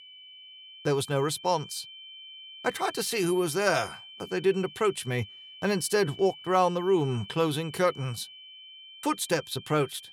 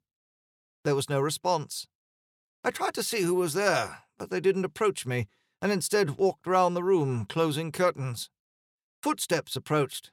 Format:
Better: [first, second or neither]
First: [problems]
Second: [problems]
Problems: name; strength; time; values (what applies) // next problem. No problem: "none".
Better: second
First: high-pitched whine; noticeable; throughout; 3 kHz, 15 dB below the speech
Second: none